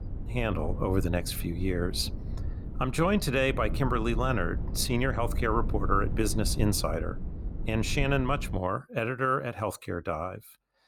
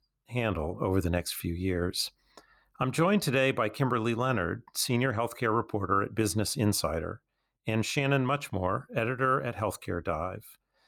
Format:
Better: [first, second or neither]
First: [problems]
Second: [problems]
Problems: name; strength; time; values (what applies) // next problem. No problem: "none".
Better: second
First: wind noise on the microphone; occasional gusts; until 8.5 s; 15 dB below the speech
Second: none